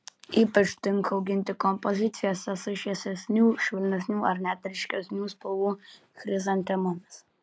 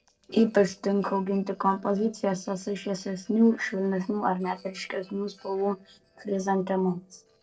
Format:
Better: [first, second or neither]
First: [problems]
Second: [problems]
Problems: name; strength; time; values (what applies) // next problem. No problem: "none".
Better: first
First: none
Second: noise reduction (neural separator model SepFormer DNS4)